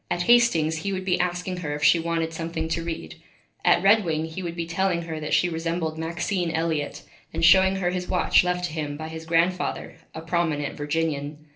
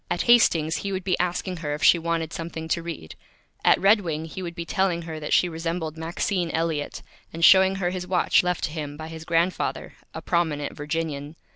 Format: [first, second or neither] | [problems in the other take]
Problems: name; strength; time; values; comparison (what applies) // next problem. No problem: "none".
second | background sound (Run); 5 dB below the speech // room echo; dies away in 0.3 s